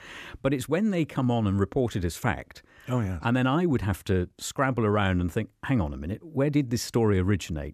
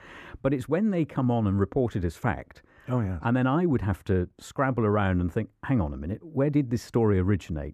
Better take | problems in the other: first | muffled; slightly; fading above 2.5 kHz

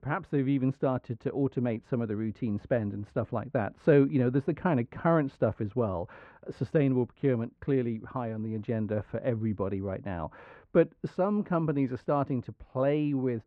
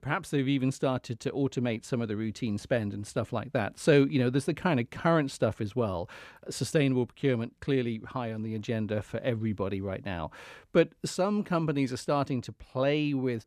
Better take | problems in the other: second | muffled; very; fading above 4 kHz

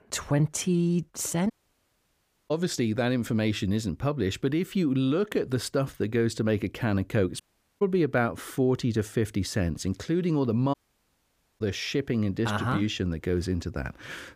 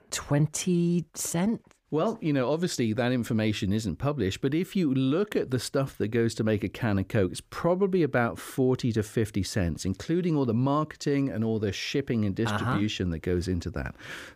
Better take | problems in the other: second | audio cutting out; at 1.5 s for 1 s, at 7.5 s and at 11 s for 1 s

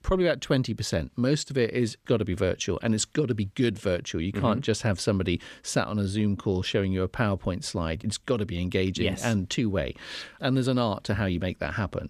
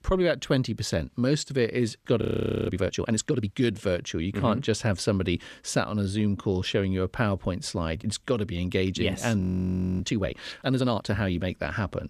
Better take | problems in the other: first | audio freezing; at 2 s and at 9.5 s for 0.5 s

